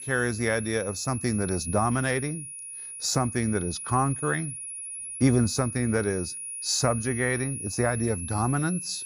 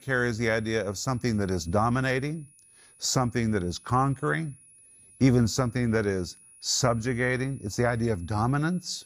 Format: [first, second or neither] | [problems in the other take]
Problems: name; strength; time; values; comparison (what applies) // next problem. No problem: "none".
second | high-pitched whine; loud; throughout; 10.5 kHz, 7 dB below the speech; faint in the second